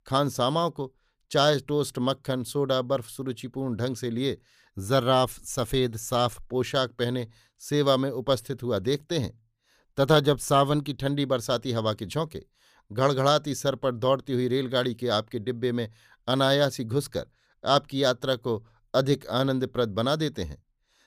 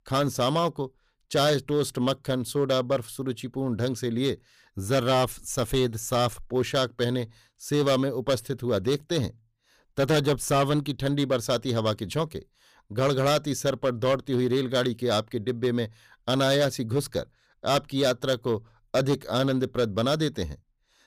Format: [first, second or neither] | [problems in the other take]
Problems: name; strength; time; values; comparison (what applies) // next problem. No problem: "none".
first | distortion; slight; 5% of the sound clipped